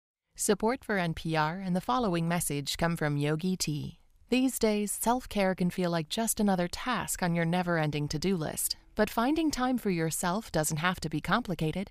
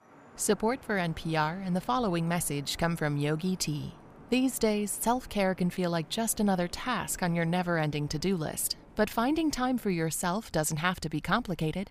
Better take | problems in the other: first | traffic noise; faint; throughout; 25 dB below the speech

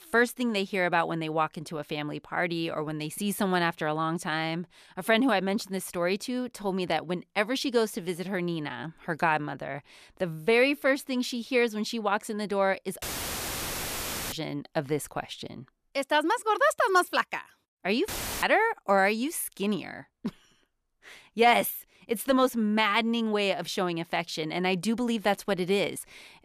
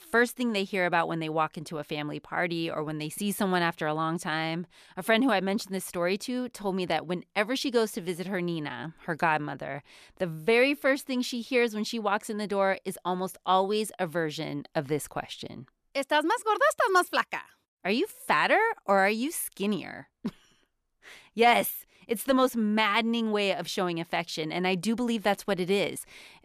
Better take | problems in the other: second | audio cutting out; filled with static; at 13 s for 1.5 s and at 18 s

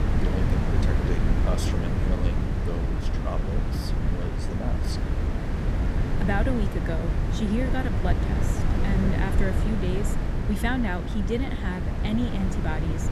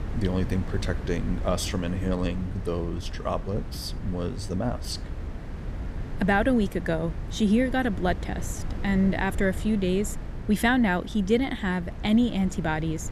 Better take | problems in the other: second | wind noise on the microphone; heavy; 1 dB below the speech; occasional gusts in the second

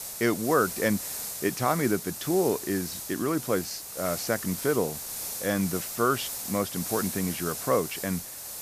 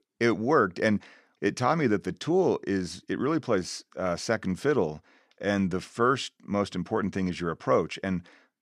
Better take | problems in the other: second | hiss; loud; throughout; 5 dB below the speech

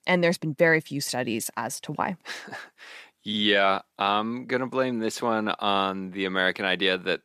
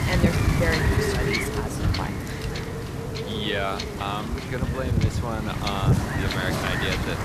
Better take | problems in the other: first | wind noise on the microphone; heavy; 1 dB above the speech

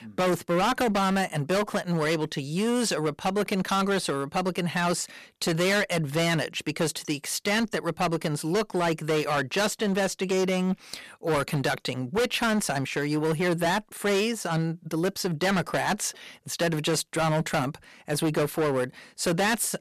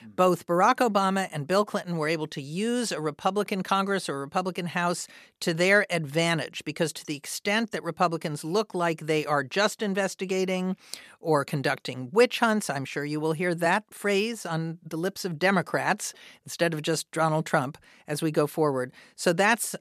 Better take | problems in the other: second | distortion; heavy; 16% of the sound clipped

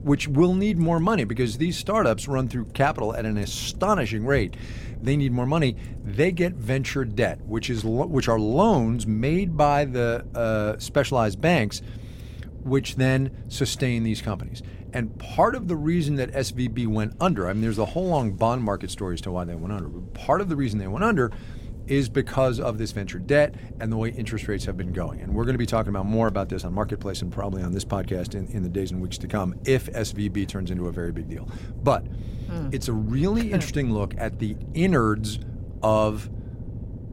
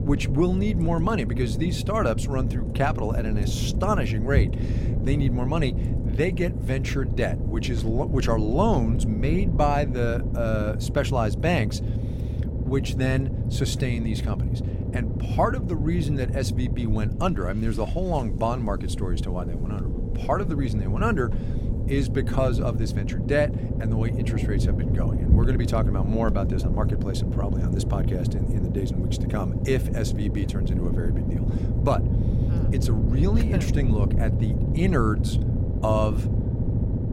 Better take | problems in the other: first | low rumble; loud; throughout; 8 dB below the speech; faint in the first

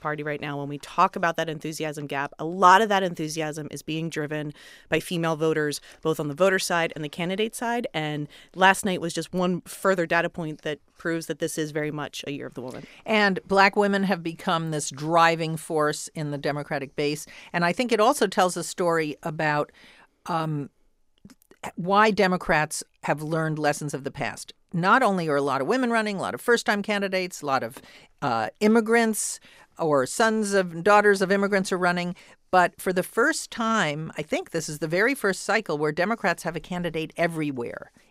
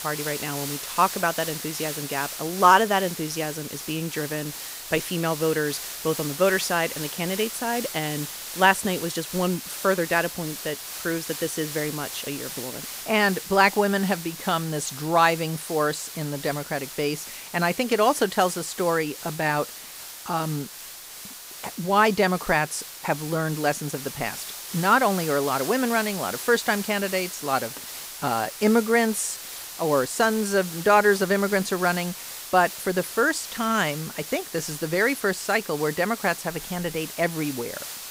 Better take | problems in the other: first | hiss; loud; throughout; 9 dB below the speech

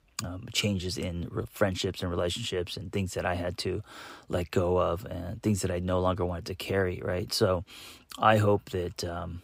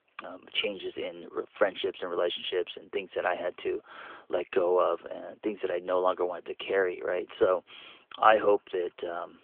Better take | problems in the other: first | phone-call audio; nothing above 3.5 kHz

